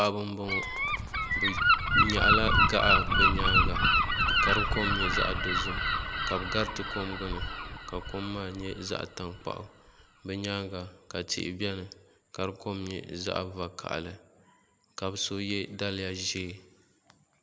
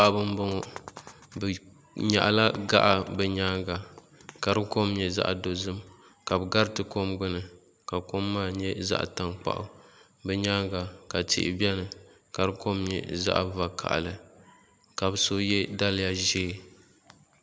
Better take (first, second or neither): second